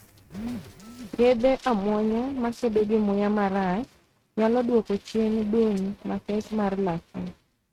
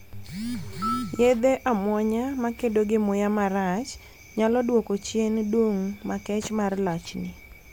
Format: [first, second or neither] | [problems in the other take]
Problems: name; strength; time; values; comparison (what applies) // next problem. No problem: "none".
second | noise reduction (neural mask model RNNoise)